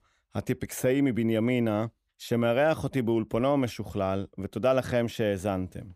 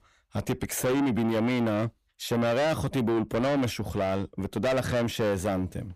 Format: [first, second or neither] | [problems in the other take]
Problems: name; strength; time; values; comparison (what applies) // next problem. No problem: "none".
first | distortion; heavy; 6 dB below the speech